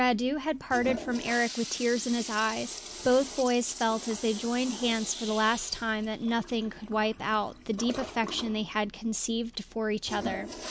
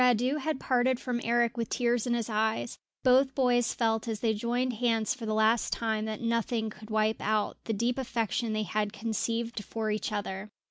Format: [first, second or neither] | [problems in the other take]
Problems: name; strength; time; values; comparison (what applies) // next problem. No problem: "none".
second | background sound (Toilet flush); 12 dB below the speech